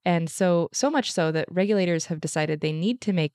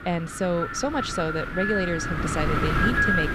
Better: first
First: none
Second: wind noise on the microphone; heavy; 4 dB above the speech

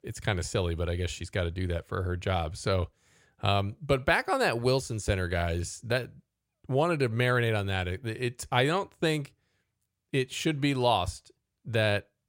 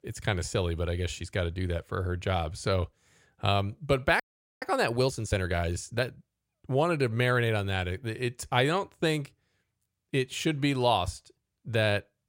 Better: first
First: none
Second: audio freezing; at 4 s

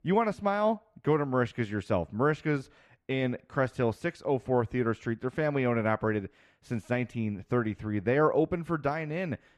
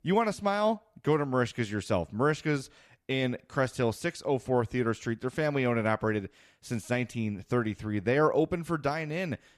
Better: second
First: muffled; slightly; fading above 3.5 kHz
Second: none

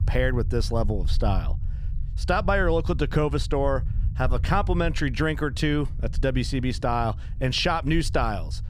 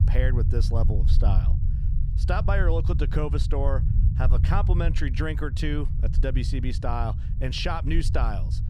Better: first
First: low rumble; faint; throughout; 20 dB below the speech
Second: low rumble; loud; throughout; 10 dB below the speech

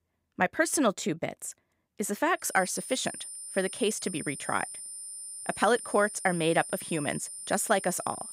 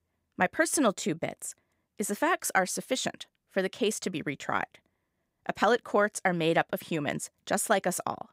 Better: second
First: high-pitched whine; loud; from 2.5 s on; 9 kHz, 9 dB below the speech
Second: none

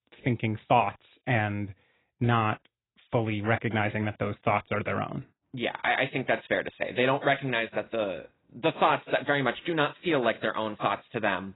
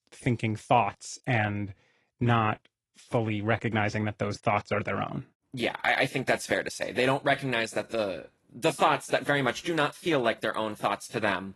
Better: second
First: garbled, watery; badly; nothing above 4 kHz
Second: garbled, watery; slightly; nothing above 11.5 kHz

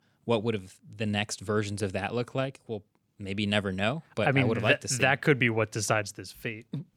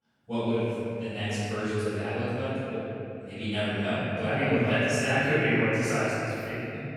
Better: first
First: none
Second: off-mic speech; far // room echo; strong; dies away in 2.9 s

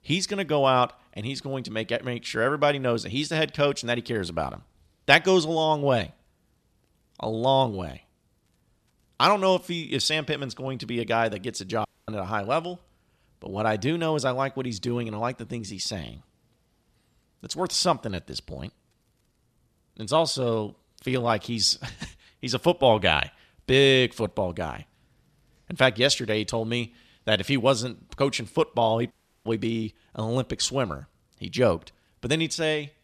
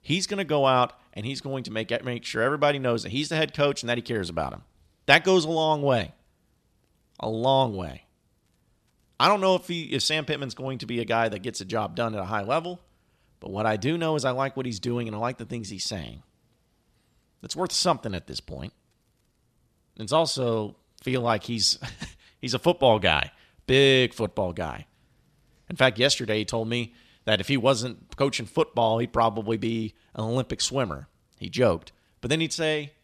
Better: second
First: audio cutting out; at 12 s and at 29 s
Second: none

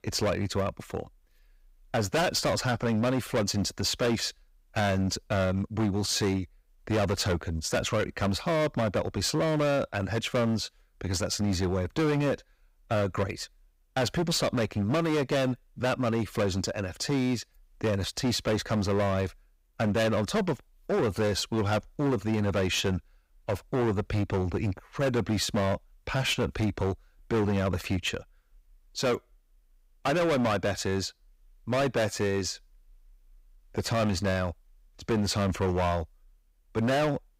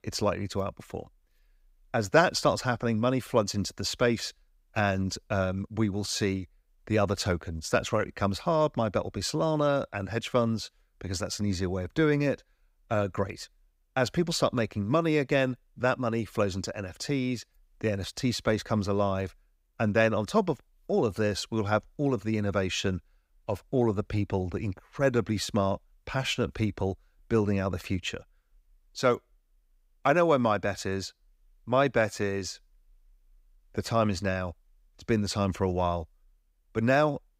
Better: second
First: distortion; heavy; 15% of the sound clipped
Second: none

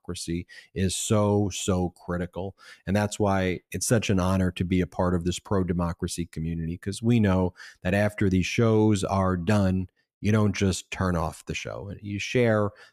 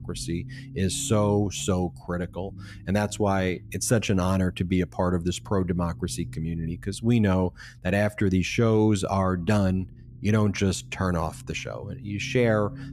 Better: first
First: none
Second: low rumble; faint; throughout; 25 dB below the speech

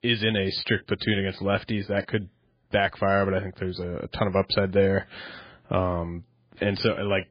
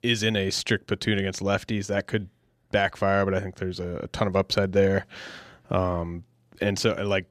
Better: second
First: garbled, watery; badly; nothing above 5 kHz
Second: none

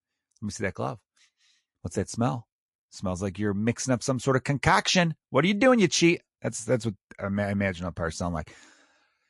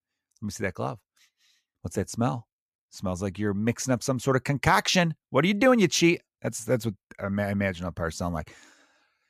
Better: second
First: garbled, watery; slightly; nothing above 11 kHz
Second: none

